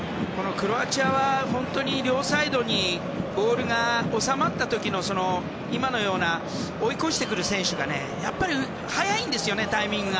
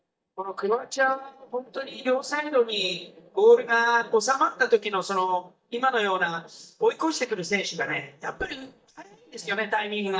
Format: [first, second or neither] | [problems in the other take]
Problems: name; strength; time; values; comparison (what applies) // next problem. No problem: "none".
first | noise reduction (neural mask model DeepFilterNet 3)